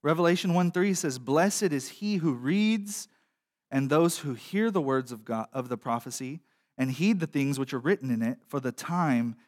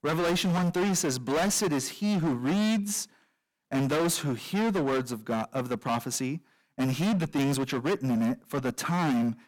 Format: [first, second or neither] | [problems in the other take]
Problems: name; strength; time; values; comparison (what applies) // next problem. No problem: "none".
first | distortion; heavy; 24% of the sound clipped